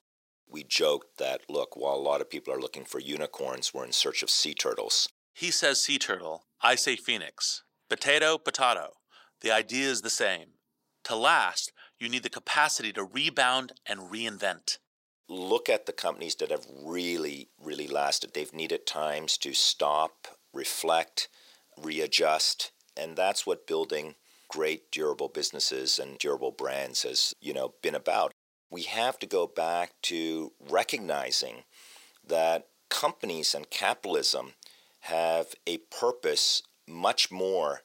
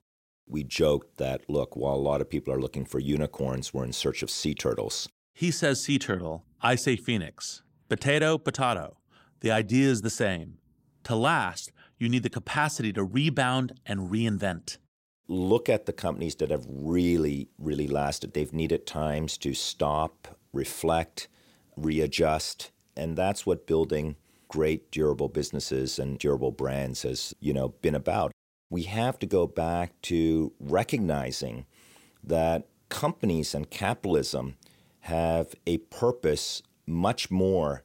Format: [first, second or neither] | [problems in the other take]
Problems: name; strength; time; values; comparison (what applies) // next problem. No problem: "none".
second | thin; very; fading below 600 Hz